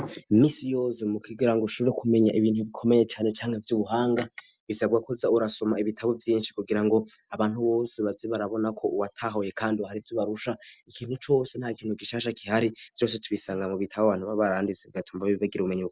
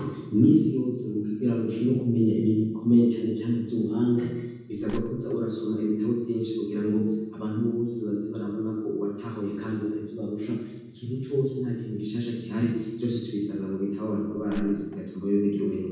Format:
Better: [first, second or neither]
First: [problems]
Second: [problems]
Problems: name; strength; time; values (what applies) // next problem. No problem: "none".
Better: first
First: none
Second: background sound (Crushing); 12 dB below the speech // room echo; dies away in 1.1 s